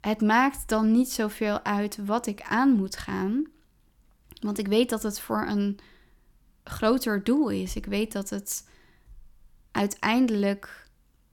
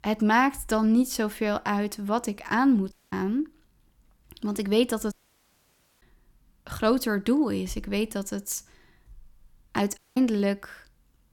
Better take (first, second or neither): first